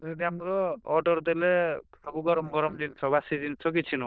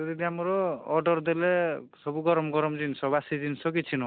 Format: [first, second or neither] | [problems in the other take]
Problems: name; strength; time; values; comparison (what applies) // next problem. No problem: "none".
second | noise reduction (neural diffusion model UNIVERSE++)